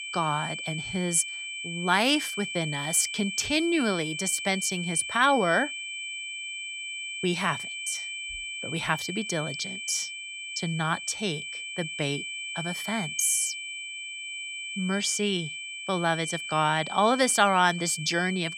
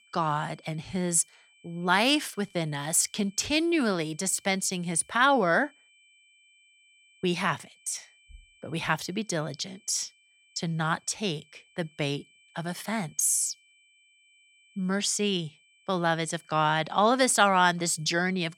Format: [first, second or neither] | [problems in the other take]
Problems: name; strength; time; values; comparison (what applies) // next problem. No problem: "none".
second | high-pitched whine; loud; throughout; 2.5 kHz, 7 dB below the speech; faint in the second